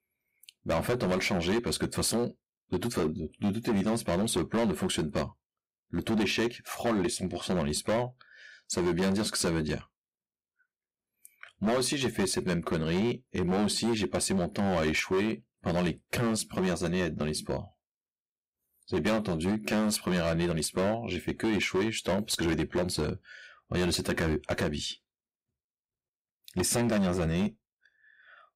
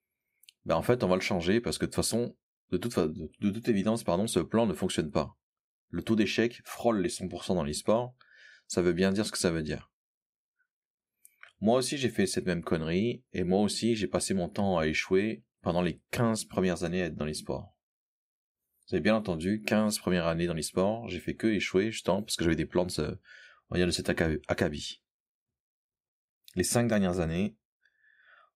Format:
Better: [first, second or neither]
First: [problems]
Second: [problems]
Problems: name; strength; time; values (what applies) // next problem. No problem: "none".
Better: second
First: distortion; heavy; 12% of the sound clipped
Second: none